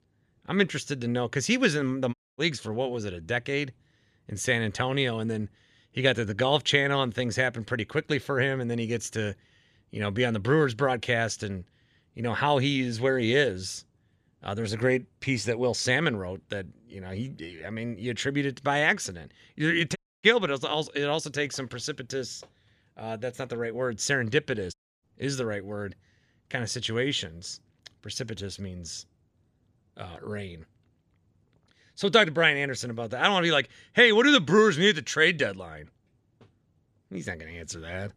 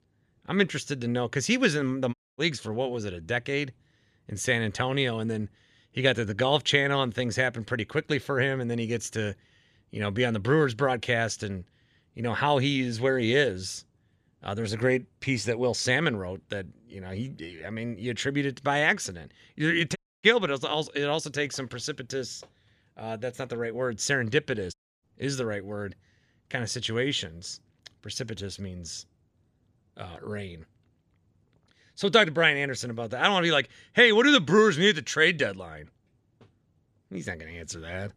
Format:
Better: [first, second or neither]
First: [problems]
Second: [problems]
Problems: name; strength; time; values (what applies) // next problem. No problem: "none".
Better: neither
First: audio cutting out; at 2 s, at 20 s and at 25 s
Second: audio cutting out; at 2 s, at 20 s and at 25 s